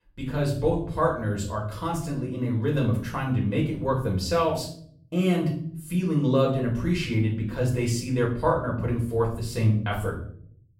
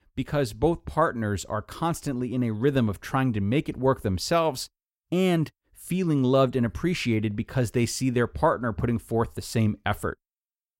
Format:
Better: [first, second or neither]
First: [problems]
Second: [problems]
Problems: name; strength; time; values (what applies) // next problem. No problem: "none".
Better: second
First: off-mic speech; far // room echo; slight; dies away in 0.6 s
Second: none